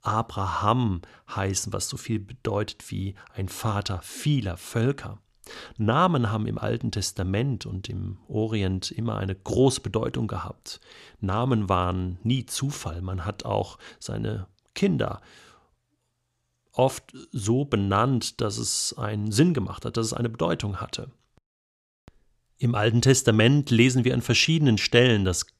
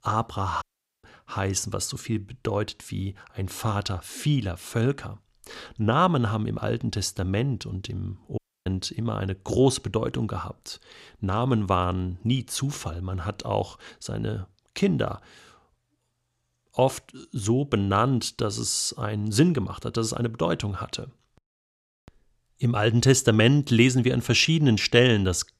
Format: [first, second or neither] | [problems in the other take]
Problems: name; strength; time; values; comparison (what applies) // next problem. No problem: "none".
first | audio cutting out; at 0.5 s and at 8.5 s